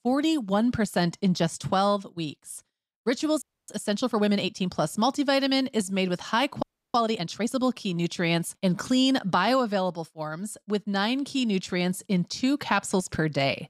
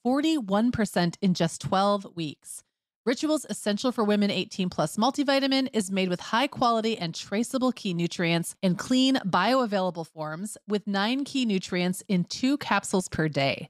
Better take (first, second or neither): second